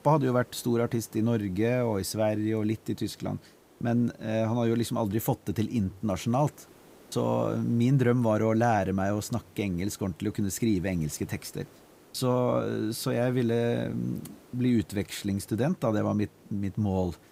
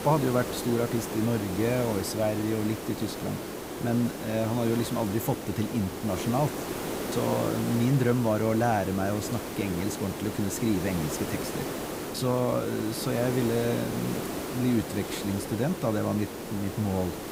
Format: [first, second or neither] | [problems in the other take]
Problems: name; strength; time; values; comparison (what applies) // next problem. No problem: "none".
first | hiss; loud; throughout; 6 dB below the speech; faint in the first